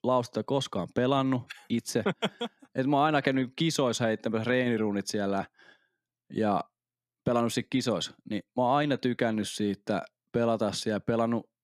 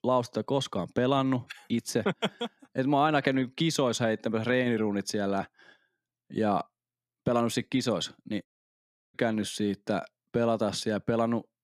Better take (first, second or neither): first